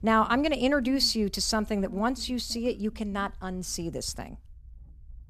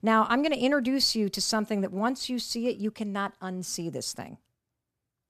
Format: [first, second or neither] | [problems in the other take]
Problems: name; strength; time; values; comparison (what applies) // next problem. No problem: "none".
second | low rumble; faint; throughout; 25 dB below the speech